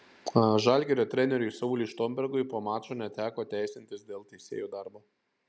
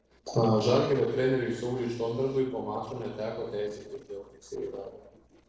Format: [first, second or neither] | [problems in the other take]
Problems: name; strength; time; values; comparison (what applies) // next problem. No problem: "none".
first | noise reduction (neural separator model SepFormer DNS4)